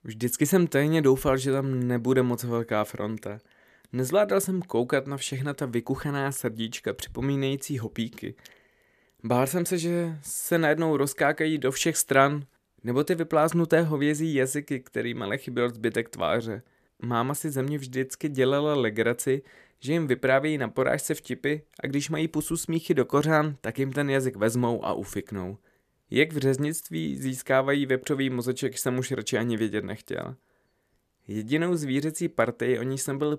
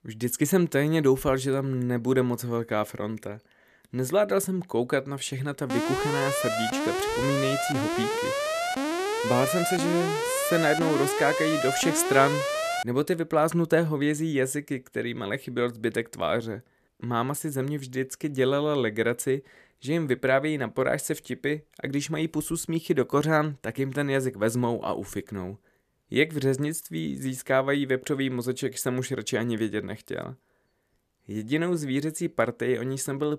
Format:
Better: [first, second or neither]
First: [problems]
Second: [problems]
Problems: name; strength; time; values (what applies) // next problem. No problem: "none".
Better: first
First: none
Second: alarm; noticeable; from 5.5 to 13 s; peak level with the speech